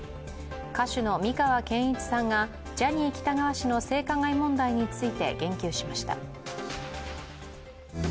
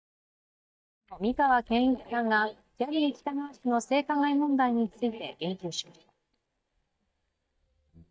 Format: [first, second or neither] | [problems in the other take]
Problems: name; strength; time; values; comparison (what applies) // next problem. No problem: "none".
first | noise reduction (neural mask model DeepFilterNet 3)